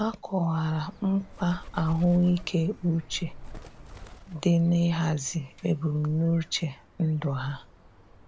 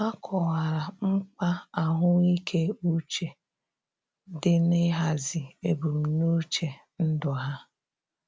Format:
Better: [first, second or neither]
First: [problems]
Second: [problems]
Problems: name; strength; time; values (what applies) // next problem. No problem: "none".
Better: second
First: background sound (Bird); 17 dB below the speech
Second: none